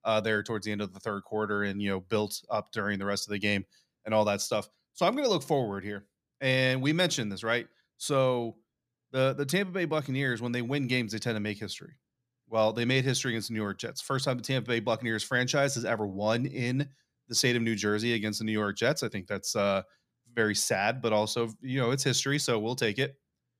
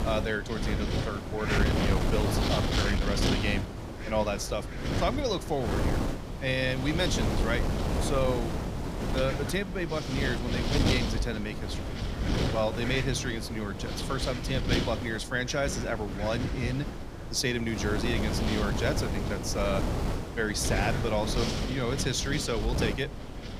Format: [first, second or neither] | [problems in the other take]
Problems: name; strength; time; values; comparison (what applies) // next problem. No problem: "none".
first | wind noise on the microphone; heavy; 3 dB below the speech